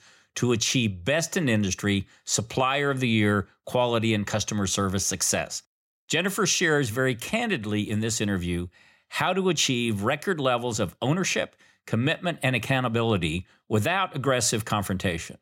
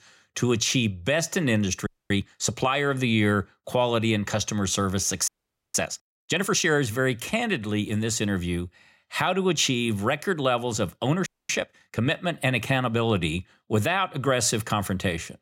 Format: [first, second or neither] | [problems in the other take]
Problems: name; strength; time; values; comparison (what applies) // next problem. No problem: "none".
first | audio freezing; at 2 s, at 5.5 s and at 11 s